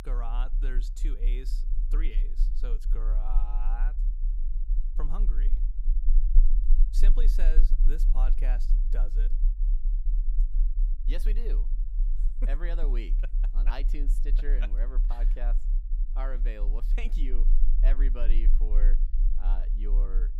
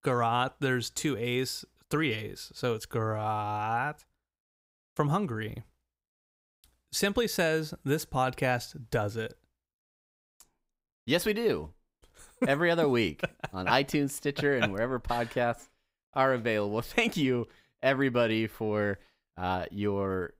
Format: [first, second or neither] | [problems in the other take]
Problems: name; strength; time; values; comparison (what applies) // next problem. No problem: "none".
second | low rumble; noticeable; throughout; 10 dB below the speech